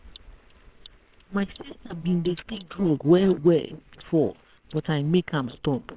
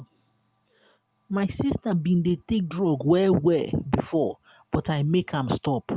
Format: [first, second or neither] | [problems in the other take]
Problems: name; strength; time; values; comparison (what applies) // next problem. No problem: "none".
second | noise reduction (neural separator model SepFormer WHAMR!)